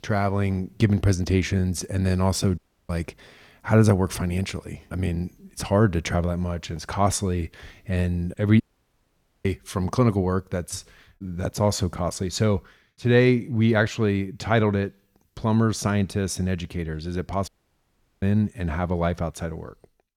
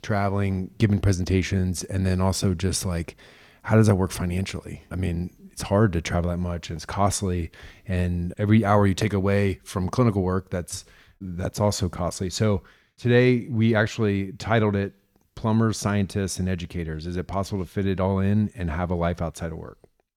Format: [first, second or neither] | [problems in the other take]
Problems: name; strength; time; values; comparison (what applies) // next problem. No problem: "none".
second | audio cutting out; at 2.5 s, at 8.5 s for 1 s and at 17 s for 0.5 s